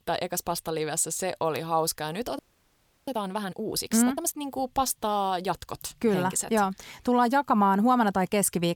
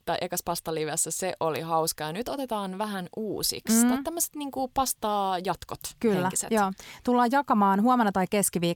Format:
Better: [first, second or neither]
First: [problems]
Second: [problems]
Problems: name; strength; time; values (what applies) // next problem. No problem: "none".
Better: second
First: audio freezing; at 2.5 s for 0.5 s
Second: none